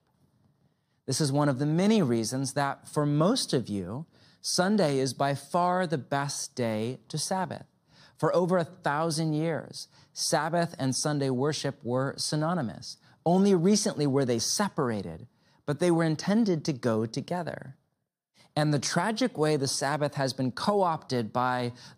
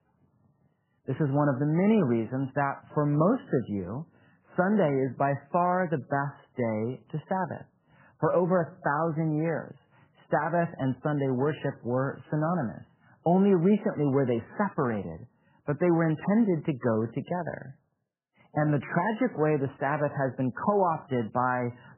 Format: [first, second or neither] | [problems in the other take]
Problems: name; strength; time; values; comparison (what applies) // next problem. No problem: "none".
first | garbled, watery; badly; nothing above 3 kHz